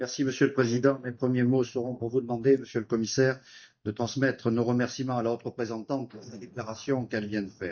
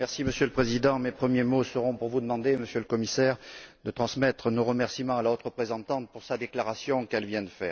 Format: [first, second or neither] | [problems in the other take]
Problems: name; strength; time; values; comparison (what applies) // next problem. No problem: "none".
second | noise reduction (neural mask model DeepFilterNet 3)